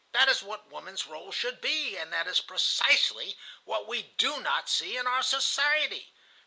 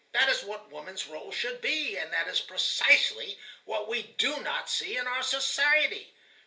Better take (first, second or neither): first